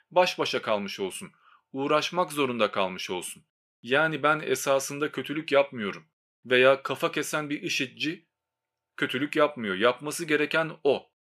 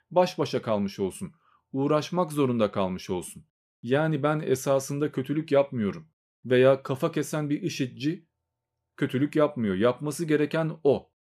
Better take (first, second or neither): second